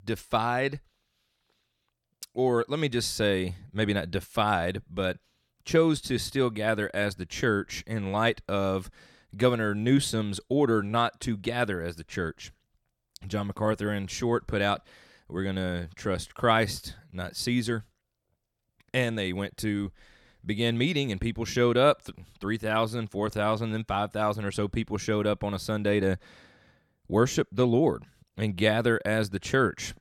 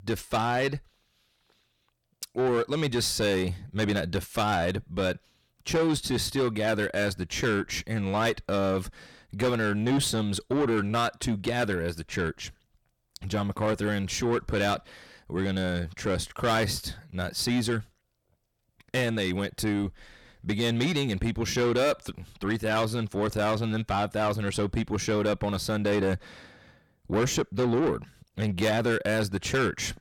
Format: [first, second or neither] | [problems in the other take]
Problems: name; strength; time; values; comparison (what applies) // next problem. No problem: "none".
first | distortion; heavy; 8 dB below the speech